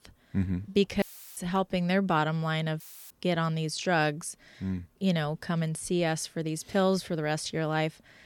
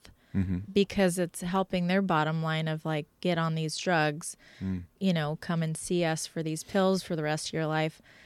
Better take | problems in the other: second | audio cutting out; filled with static; at 1 s and at 3 s

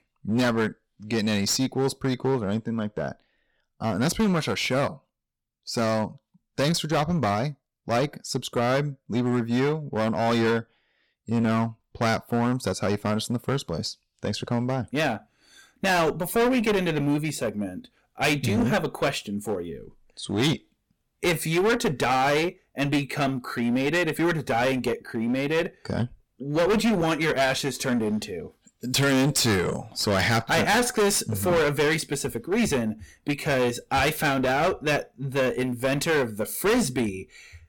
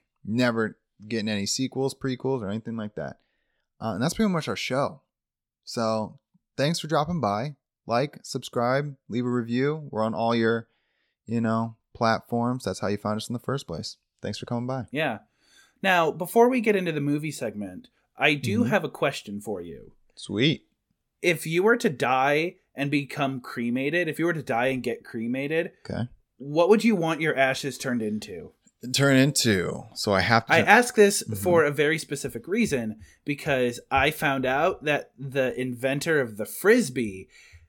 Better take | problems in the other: second | distortion; heavy; 14% of the sound clipped

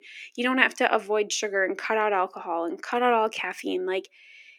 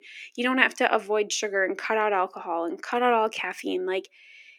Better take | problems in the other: neither | thin; very slightly; fading below 300 Hz; the same in both

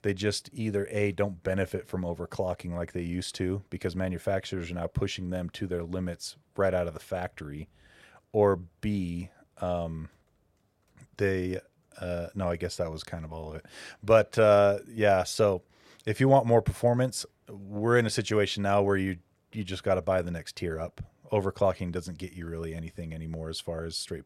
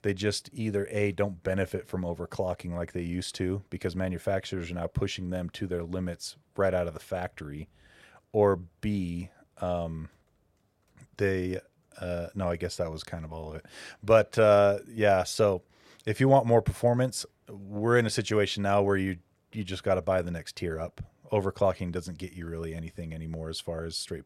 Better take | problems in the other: neither | none

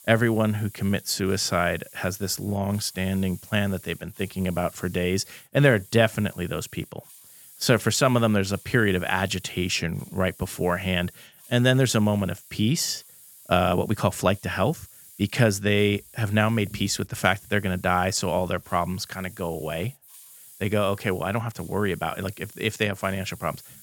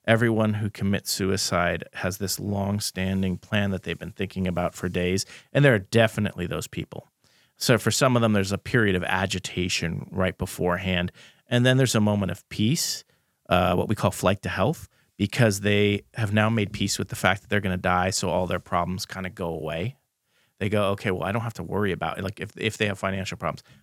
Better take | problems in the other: second | hiss; faint; throughout; 20 dB below the speech

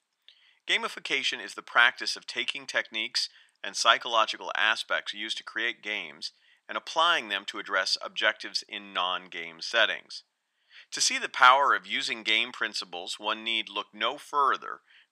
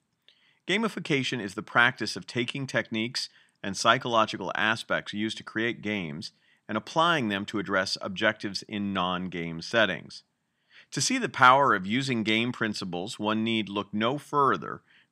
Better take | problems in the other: second | thin; very; fading below 600 Hz

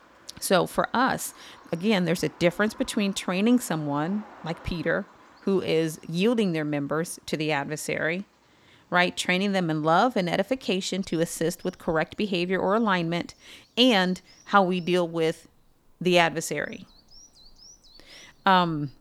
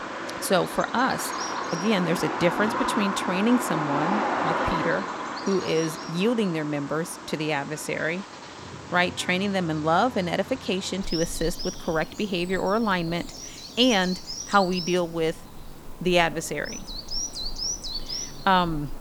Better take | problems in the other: first | animal sounds; loud; throughout; 6 dB below the speech; faint in the first

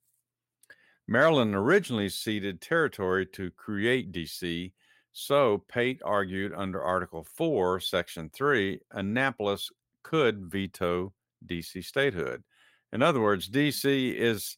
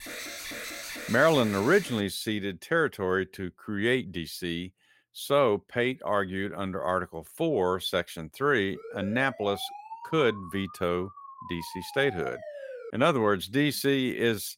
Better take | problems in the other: first | alarm; noticeable; until 2 s; peak 8 dB below the speech // siren; faint; from 9 to 13 s; peak 10 dB below the speech

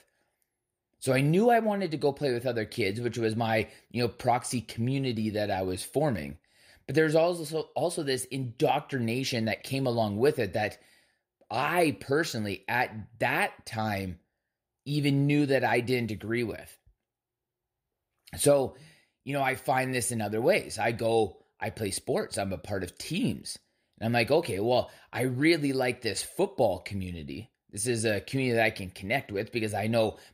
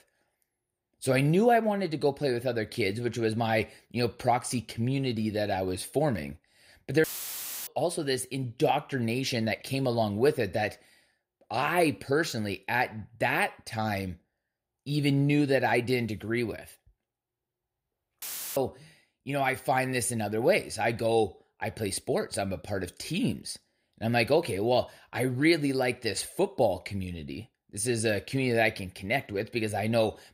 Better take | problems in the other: first | audio cutting out; filled with static; at 7 s for 0.5 s and at 18 s

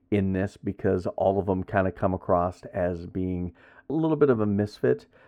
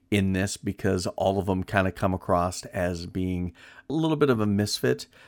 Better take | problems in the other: second | muffled; very; fading above 3 kHz

